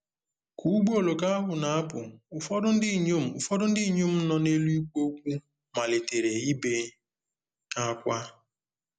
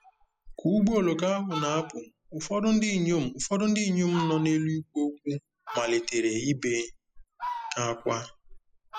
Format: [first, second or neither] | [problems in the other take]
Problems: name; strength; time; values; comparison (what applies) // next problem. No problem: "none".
first | noise reduction (classical method spectral subtraction)